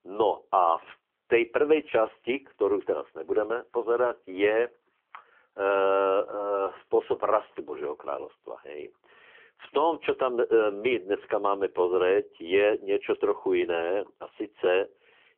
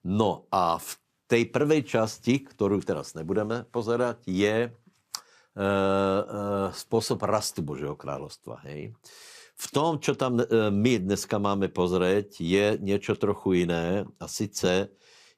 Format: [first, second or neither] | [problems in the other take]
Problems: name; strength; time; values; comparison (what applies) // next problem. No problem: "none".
second | phone-call audio; nothing above 3 kHz